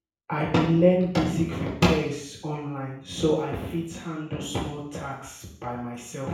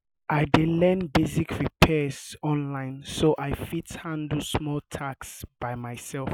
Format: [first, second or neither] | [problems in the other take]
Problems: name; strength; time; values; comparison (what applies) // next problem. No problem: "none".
second | room echo; dies away in 0.6 s